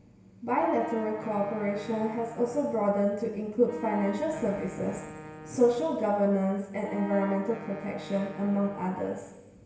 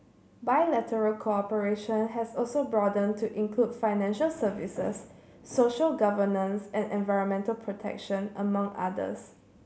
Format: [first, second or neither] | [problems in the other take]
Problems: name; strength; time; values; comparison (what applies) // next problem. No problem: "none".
second | background sound (Wind instrument, woodwind instrument); 14 dB below the speech // room echo; dies away in 1 s